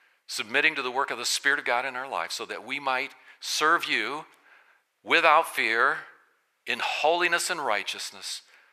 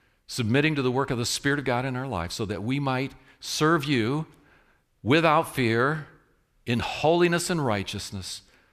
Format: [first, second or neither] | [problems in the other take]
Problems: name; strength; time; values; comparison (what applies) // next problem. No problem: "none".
second | thin; very; fading below 700 Hz